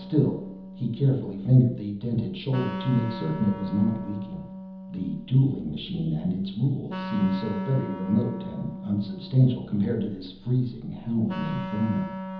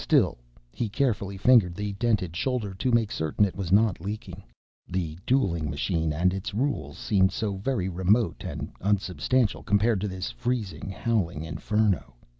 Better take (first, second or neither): second